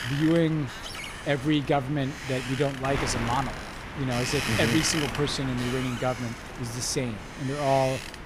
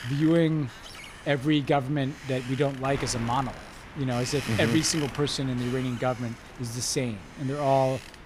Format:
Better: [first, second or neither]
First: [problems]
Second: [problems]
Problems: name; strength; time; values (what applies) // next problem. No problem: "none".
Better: second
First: wind noise on the microphone; heavy; 4 dB below the speech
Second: wind noise on the microphone; occasional gusts; 10 dB below the speech